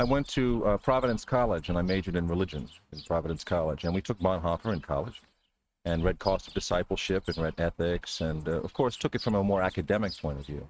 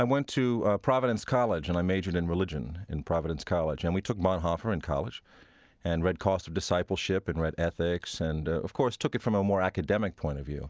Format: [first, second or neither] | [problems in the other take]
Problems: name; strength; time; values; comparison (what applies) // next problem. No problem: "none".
second | noise reduction (neural mask model RNNoise)